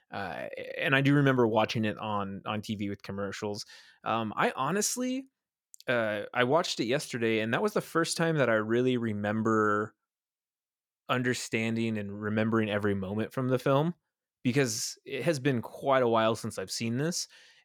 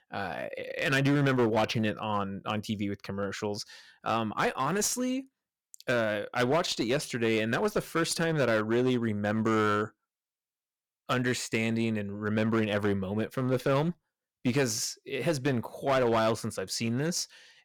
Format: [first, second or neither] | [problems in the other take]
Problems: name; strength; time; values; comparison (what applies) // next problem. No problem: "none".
first | distortion; slight; 7% of the sound clipped